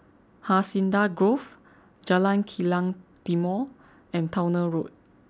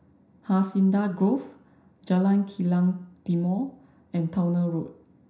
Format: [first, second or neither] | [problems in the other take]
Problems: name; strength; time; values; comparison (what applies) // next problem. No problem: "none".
first | room echo; dies away in 0.5 s